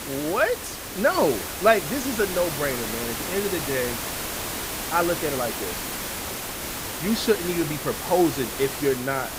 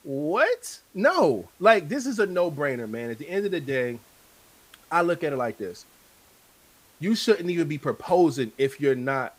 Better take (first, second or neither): second